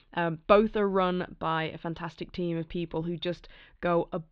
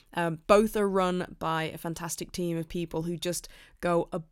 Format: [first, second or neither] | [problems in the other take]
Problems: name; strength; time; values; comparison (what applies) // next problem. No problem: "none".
second | muffled; very; fading above 4 kHz